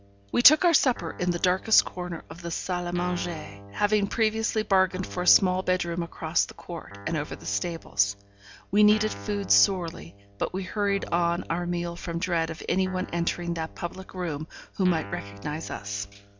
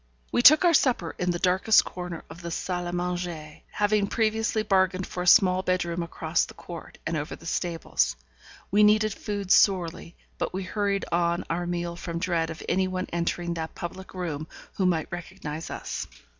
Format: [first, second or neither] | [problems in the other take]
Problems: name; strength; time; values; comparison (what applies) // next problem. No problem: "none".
second | background sound (Guitar); 18 dB below the speech